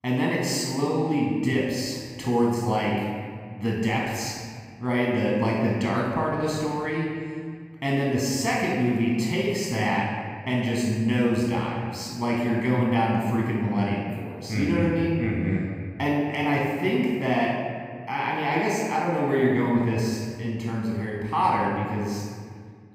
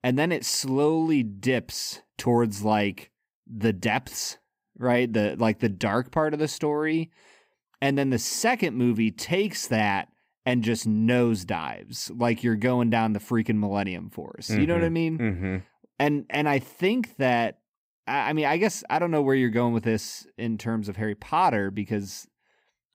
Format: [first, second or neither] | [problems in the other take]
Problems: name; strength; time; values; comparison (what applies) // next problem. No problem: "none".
second | off-mic speech; far // room echo; strong; dies away in 1.8 s